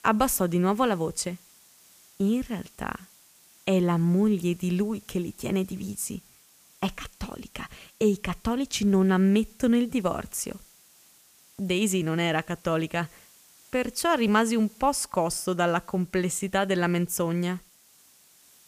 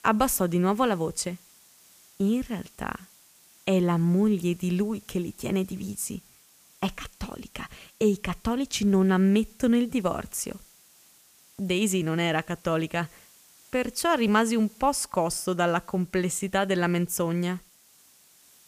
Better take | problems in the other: neither | hiss; faint; throughout; 25 dB below the speech; the same in both

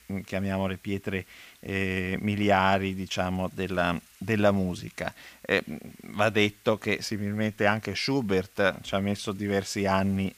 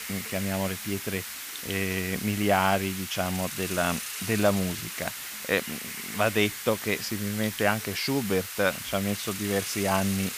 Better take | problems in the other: first | hiss; loud; throughout; 6 dB below the speech; faint in the first

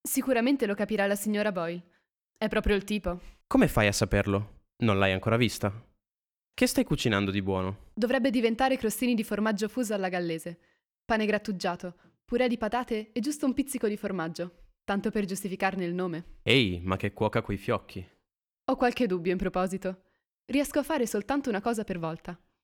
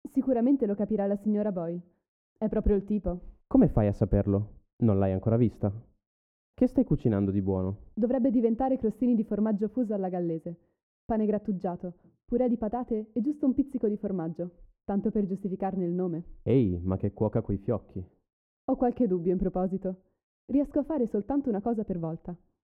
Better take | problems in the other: first | muffled; very; fading above 1 kHz

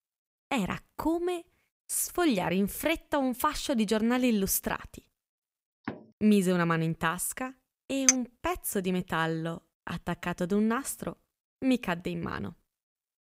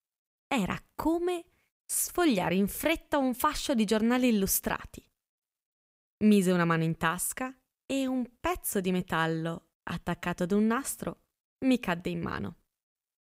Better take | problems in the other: second | door banging; faint; at 6 s; peak 10 dB below the speech // clattering dishes; very faint; at 8 s; peak 5 dB above the speech

